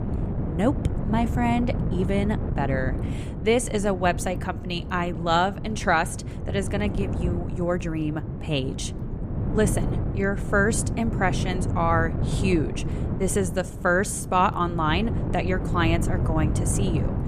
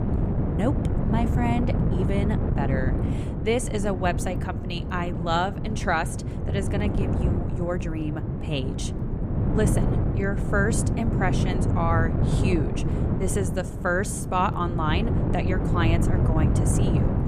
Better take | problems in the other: first | wind noise on the microphone; heavy; 5 dB below the speech; occasional gusts in the first

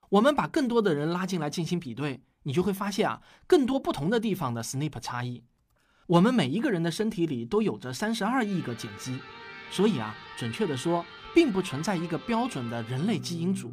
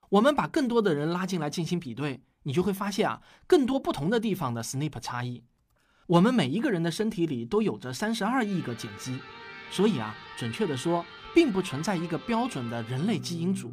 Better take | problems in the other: neither | background music; noticeable; from 8.5 s on; 15 dB below the speech; the same in both

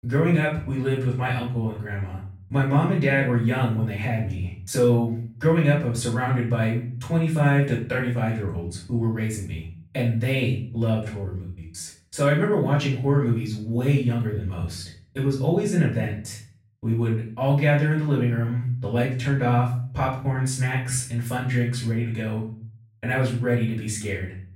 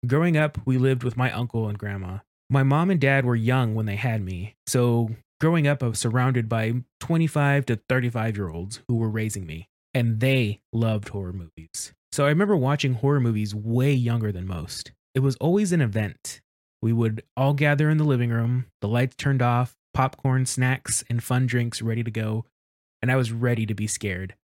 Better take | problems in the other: second | off-mic speech; far // room echo; slight; dies away in 0.4 s

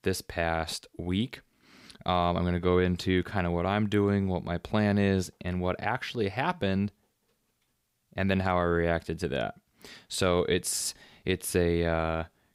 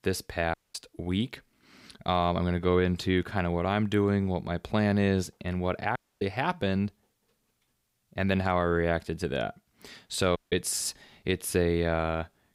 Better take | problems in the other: first | audio cutting out; at 0.5 s, at 6 s and at 10 s

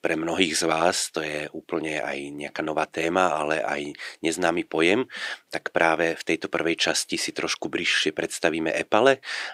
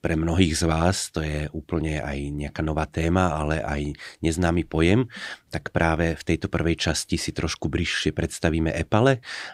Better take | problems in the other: second | thin; somewhat; fading below 450 Hz

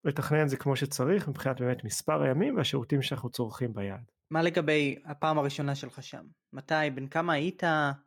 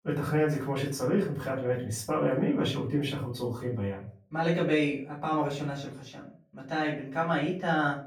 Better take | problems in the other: first | off-mic speech; far // room echo; slight; dies away in 0.4 s

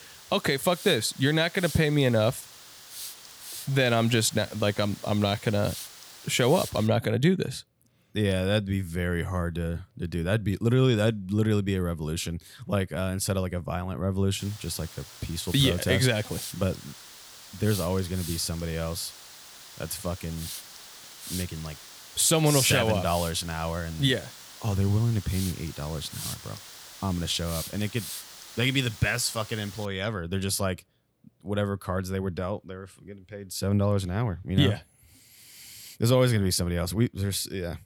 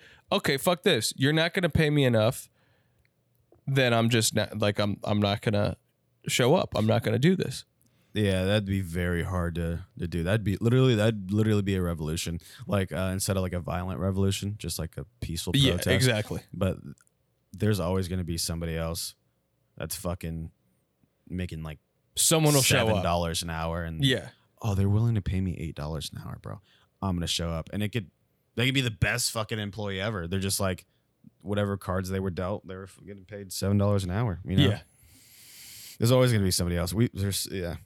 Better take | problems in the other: second | hiss; noticeable; until 7 s and from 14 to 30 s; 15 dB below the speech

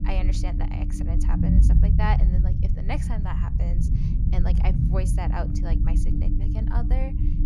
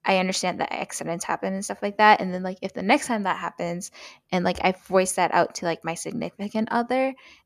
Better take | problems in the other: second | low rumble; loud; throughout; 2 dB below the speech

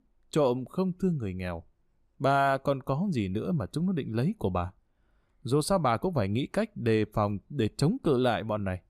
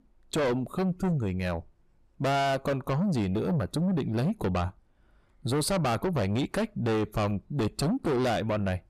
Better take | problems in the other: first | distortion; heavy; 6 dB below the speech

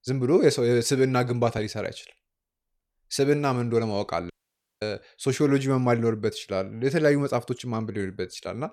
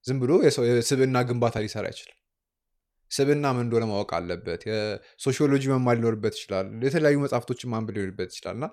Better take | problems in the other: second | audio cutting out; at 4.5 s for 0.5 s

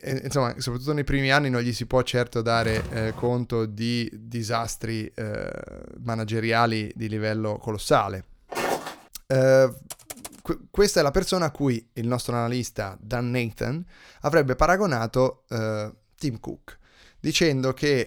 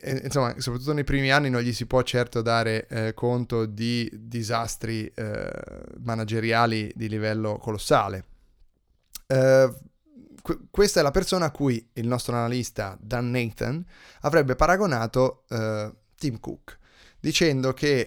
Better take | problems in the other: second | footsteps; noticeable; at 2.5 s and at 8.5 s; peak 3 dB below the speech // keyboard typing; faint; at 10 s; peak 15 dB below the speech

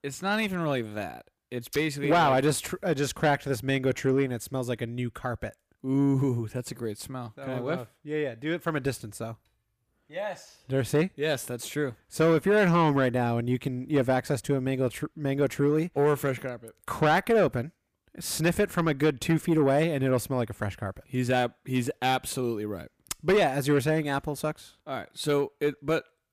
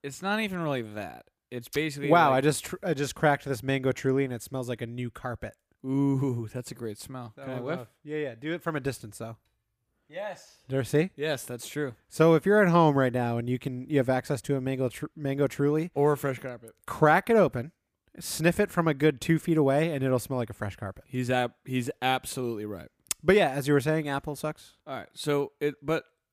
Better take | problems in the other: second | distortion; slight; 10 dB below the speech

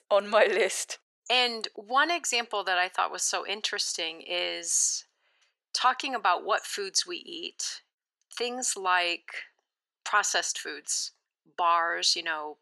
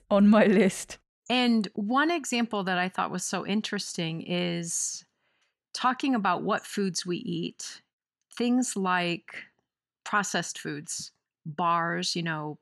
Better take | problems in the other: second | thin; very; fading below 450 Hz

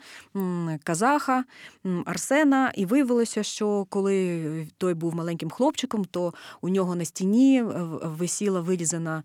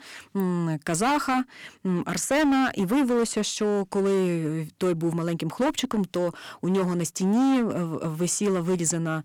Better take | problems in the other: first | distortion; slight; 12% of the sound clipped

